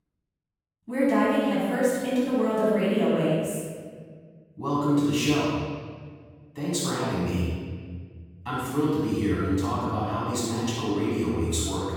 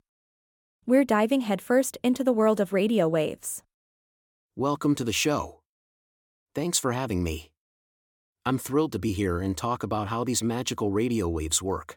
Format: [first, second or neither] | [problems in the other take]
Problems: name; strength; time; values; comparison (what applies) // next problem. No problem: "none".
second | off-mic speech; far // room echo; strong; dies away in 1.8 s